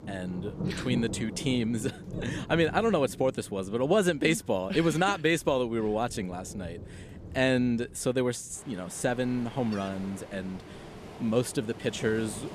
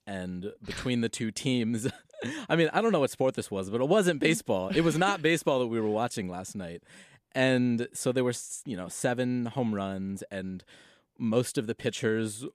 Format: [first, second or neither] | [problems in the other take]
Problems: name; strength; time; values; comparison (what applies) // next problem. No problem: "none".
second | rain or running water; noticeable; throughout; 15 dB below the speech